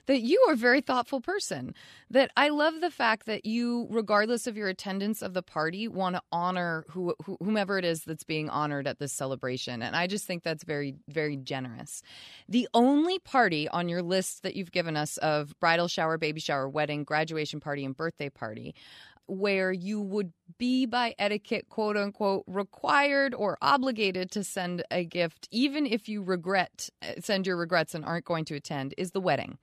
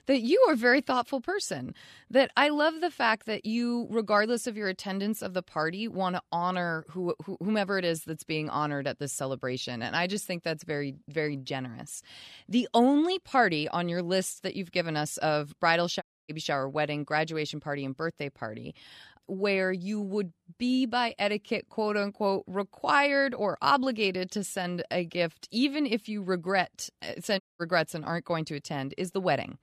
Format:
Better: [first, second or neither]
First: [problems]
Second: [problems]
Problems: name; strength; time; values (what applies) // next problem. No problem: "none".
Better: first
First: none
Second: audio cutting out; at 16 s and at 27 s